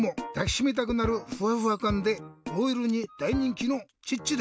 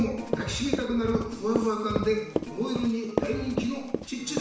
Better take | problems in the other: first | background sound (Run); 4 dB below the speech // room echo; dies away in 0.6 s

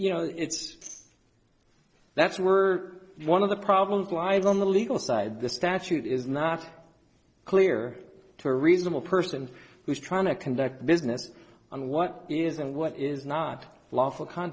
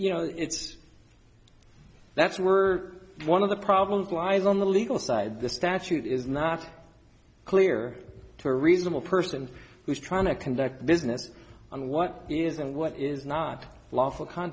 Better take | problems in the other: second | noise reduction (neural separator model SepFormer DNS4)

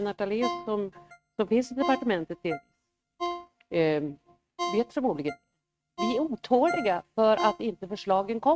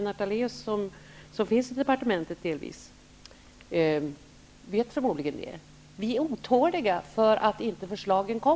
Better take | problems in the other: second | noise reduction (neural mask model RNNoise)

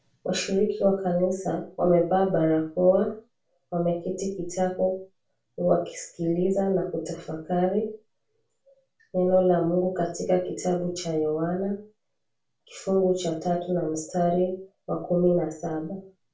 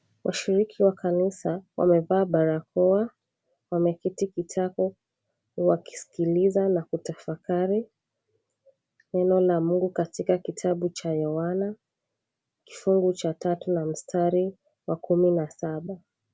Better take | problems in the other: second | room echo; dies away in 0.3 s

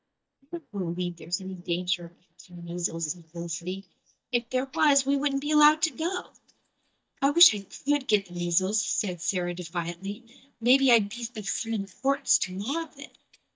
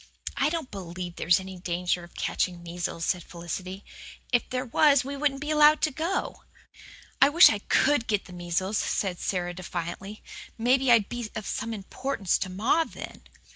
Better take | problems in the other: second | noise reduction (neural mask model DeepFilterNet 3)

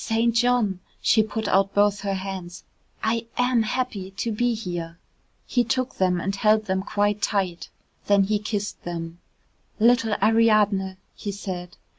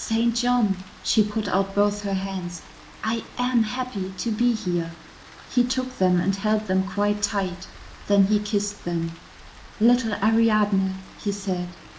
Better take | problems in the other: first | background sound (Rain); 20 dB below the speech // room echo; dies away in 0.4 s

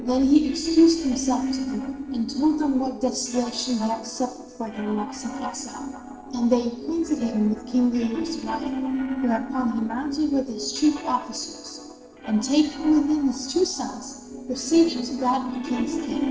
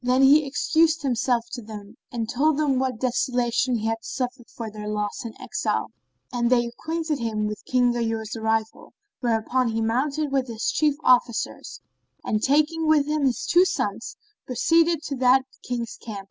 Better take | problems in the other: second | noise reduction (neural separator model SepFormer DNS4)

